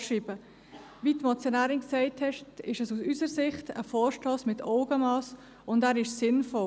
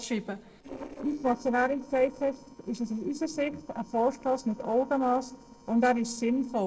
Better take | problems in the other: first | noise reduction (neural separator model SepFormer DNS4)

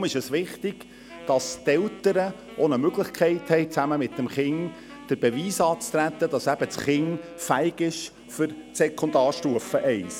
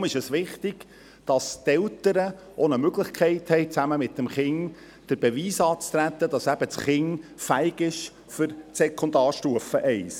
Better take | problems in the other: second | background sound (Wind instrument, woodwind instrument + Telephone); 19 dB below the speech

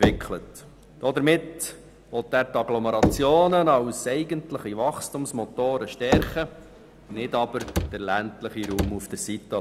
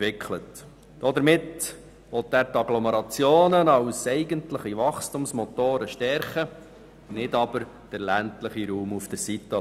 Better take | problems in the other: second | background sound (Knock / Wood + Slam / Wood); 5 dB below the speech

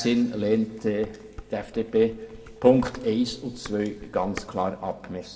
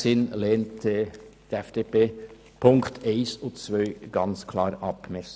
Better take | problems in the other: second | background sound (Dishes, pots, and pans); 19 dB below the speech // room echo; dies away in 1.2 s

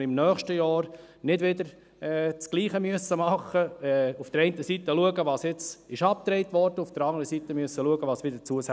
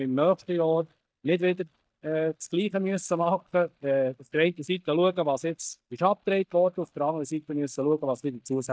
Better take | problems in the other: first | noise reduction (neural mask model DeepFilterNet 3)

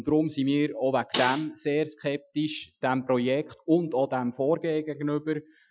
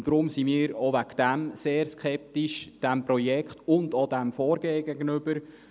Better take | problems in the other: second | noise reduction (classical method Wiener filter)

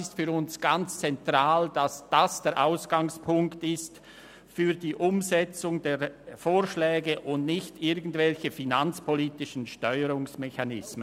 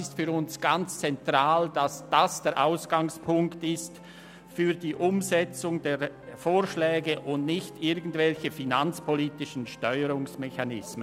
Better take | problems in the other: first | background sound (Piano); 19 dB below the speech

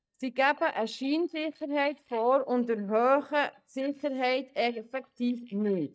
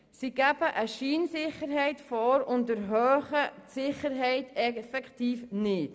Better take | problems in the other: second | noise reduction (neural mask model DeepFilterNet 3)

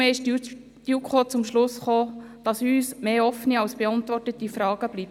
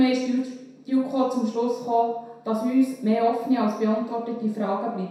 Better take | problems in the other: first | room echo; dies away in 0.7 s

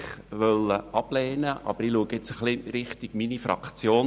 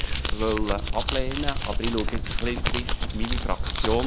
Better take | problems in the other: first | background sound (Crumpling, crinkling); 4 dB above the speech

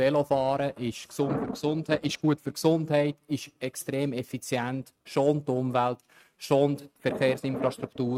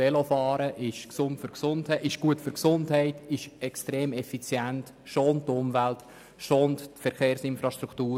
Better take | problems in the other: second | noise reduction (neural mask model RNNoise)

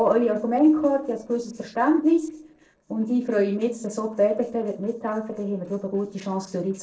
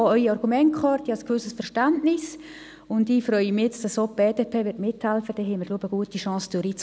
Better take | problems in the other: second | noise reduction (neural separator model SepFormer DNS4)

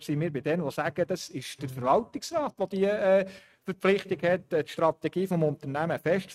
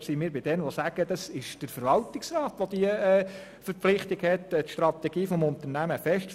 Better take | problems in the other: second | noise reduction (neural mask model RNNoise)

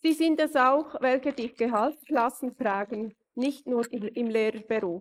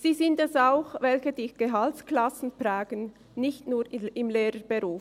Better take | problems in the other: second | noise reduction (neural mask model Resemble Enhance denoiser)

